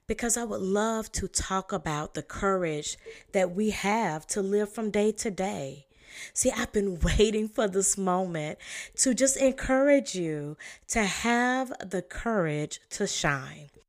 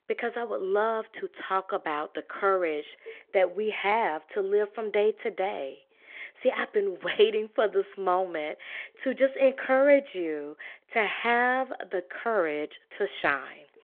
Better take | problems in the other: first | phone-call audio

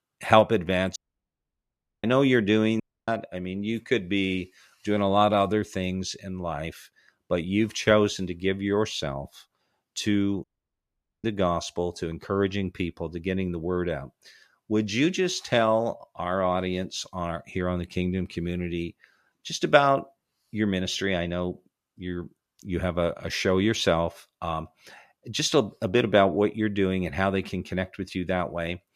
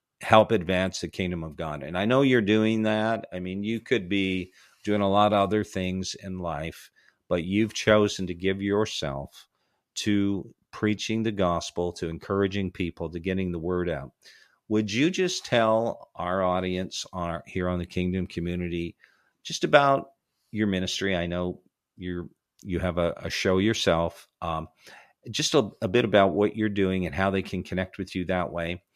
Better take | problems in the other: second | audio cutting out; at 1 s for 1 s, at 3 s and at 10 s for 1 s

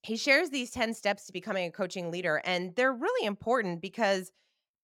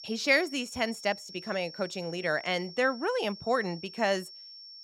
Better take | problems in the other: first | high-pitched whine; noticeable; throughout; 5.5 kHz, 15 dB below the speech

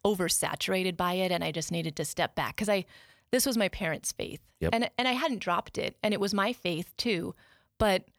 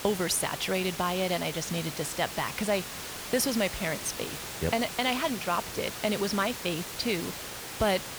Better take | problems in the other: first | hiss; loud; throughout; 7 dB below the speech

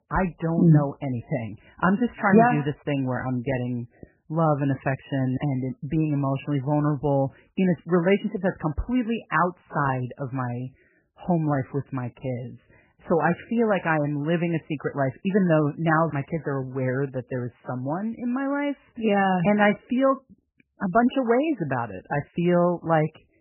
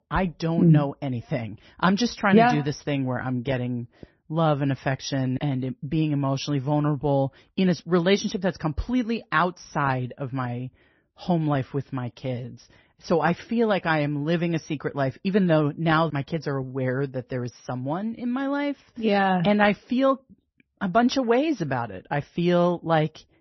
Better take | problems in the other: second | garbled, watery; badly; nothing above 3 kHz; slightly in the second

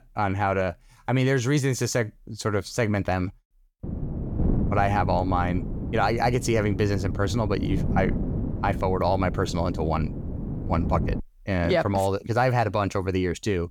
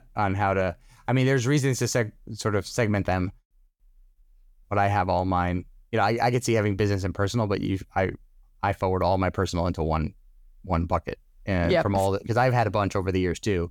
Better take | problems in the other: second | wind noise on the microphone; occasional gusts; from 4 to 11 s; 10 dB below the speech

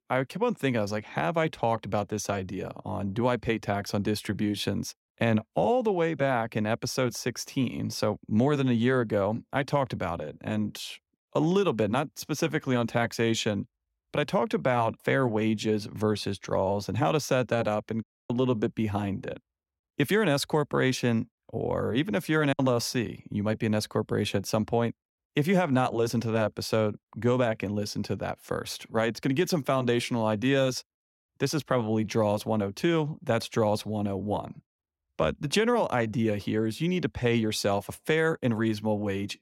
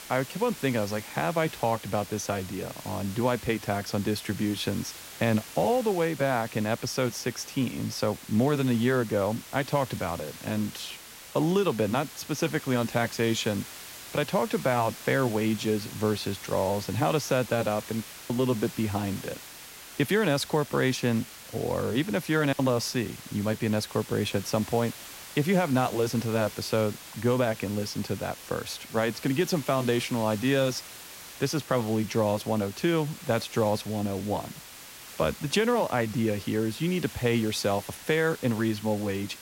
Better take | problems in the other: first | hiss; noticeable; throughout; 15 dB below the speech

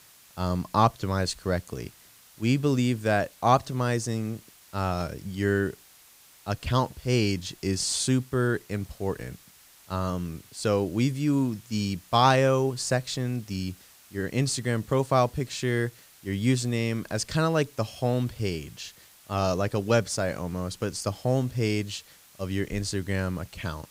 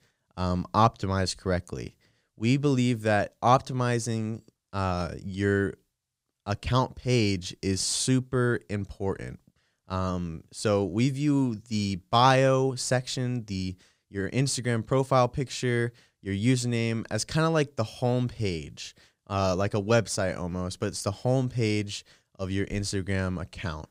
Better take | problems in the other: second | hiss; faint; throughout; 25 dB below the speech

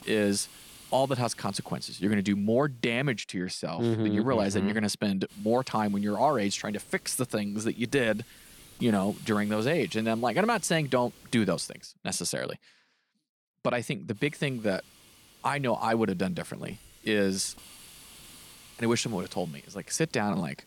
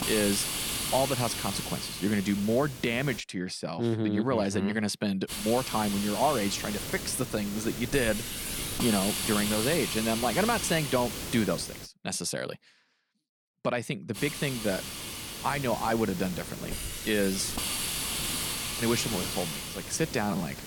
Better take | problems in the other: first | hiss; loud; until 3 s, from 5.5 to 12 s and from 14 s on; 3 dB below the speech; faint in the first

